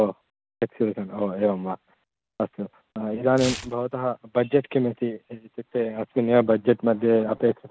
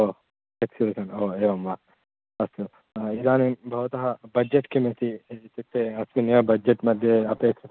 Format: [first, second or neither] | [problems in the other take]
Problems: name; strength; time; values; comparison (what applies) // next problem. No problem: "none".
second | background sound (Tearing); 18 dB below the speech